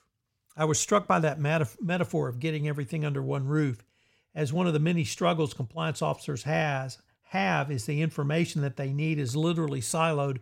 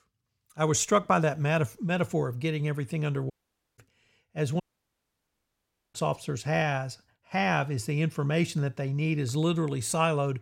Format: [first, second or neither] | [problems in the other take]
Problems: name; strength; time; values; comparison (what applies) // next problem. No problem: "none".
first | audio cutting out; at 3.5 s and at 4.5 s for 1.5 s